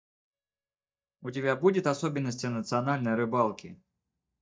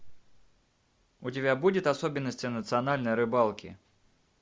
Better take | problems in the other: second | noise reduction (neural mask model DeepFilterNet 3)

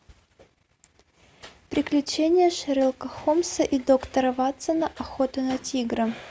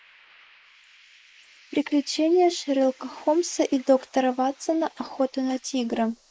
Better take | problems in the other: first | noise reduction (neural mask model Resemble Enhance denoiser)

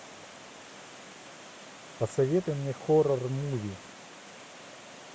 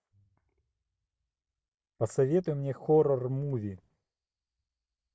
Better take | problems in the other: second | background sound (Water); 15 dB below the speech

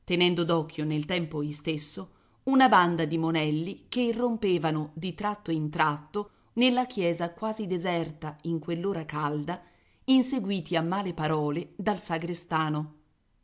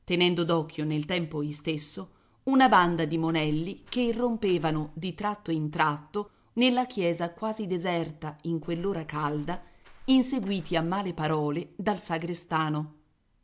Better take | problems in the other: first | background sound (Walk, footsteps); 16 dB below the speech

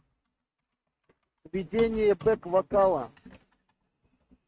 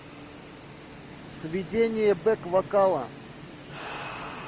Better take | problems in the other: second | noise reduction (neural mask model RNNoise)

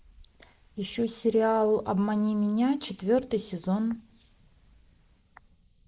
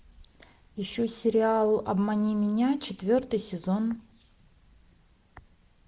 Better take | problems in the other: second | noise reduction (neural mask model Resemble Enhance denoiser)

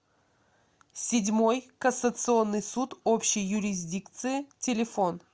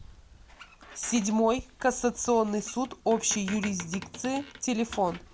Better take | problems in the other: first | background sound (Squeak); 16 dB below the speech

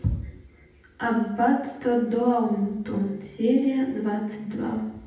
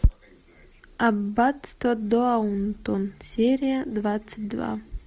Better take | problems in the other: second | room echo; dies away in 0.8 s

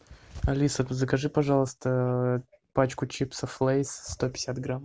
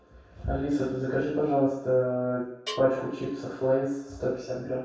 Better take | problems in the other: first | background sound (Bell); 18 dB below the speech // room echo; dies away in 0.7 s

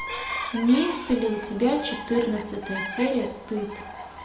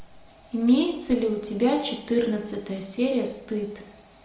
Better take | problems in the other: second | background sound (Chicken, rooster + Bird vocalization, bird call, bird song); 9 dB below the speech

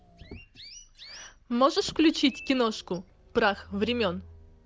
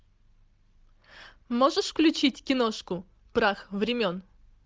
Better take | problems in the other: second | background sound (Chirp, tweet + Motor vehicle (road)); 19 dB below the speech

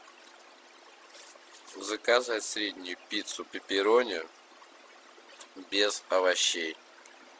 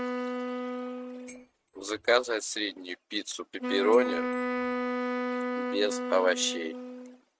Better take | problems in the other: first | noise reduction (neural mask model RNNoise)

